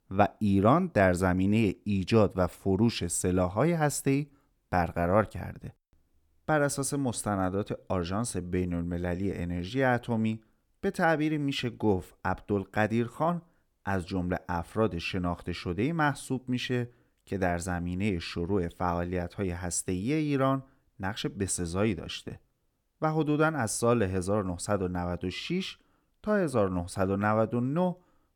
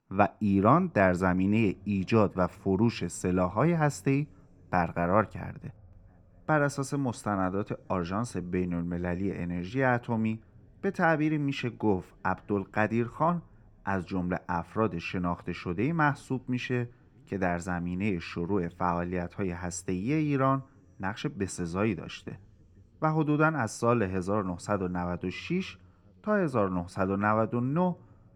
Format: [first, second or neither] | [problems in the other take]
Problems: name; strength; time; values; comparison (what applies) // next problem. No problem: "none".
first | room echo; noticeable; dies away in 3 s